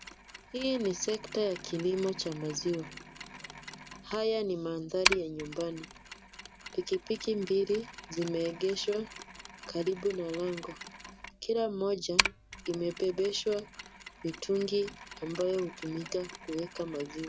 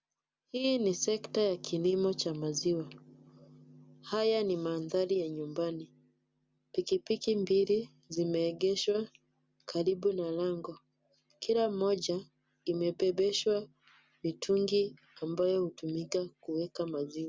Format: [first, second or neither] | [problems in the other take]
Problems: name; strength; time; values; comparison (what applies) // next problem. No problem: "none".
second | background sound (Mechanisms); 7 dB below the speech